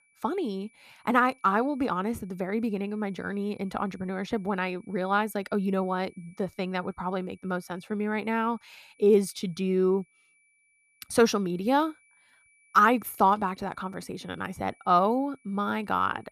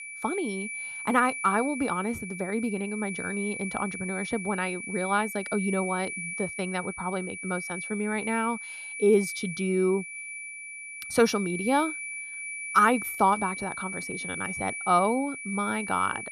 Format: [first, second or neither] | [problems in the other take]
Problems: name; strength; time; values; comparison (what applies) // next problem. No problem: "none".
first | high-pitched whine; loud; throughout; 2.5 kHz, 6 dB below the speech; faint in the first